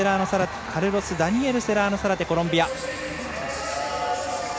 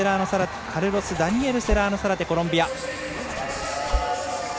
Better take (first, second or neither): first